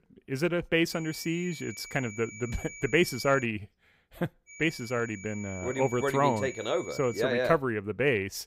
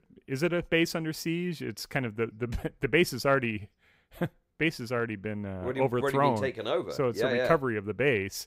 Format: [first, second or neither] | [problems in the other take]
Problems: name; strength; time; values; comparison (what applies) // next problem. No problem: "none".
second | high-pitched whine; noticeable; from 1 to 3.5 s and from 4.5 to 7 s; 2.5 kHz, 15 dB below the speech